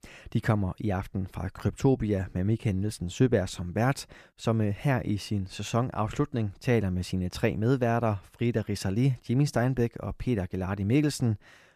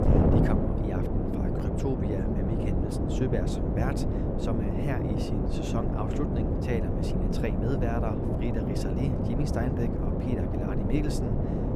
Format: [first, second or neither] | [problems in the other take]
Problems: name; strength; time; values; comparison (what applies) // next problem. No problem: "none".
first | wind noise on the microphone; heavy; 3 dB above the speech